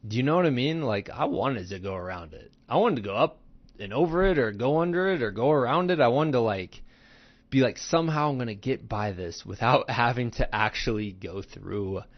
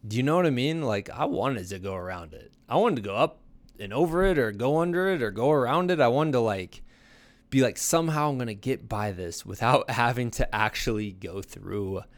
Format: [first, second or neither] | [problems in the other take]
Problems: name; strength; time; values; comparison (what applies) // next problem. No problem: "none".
second | garbled, watery; slightly; nothing above 6 kHz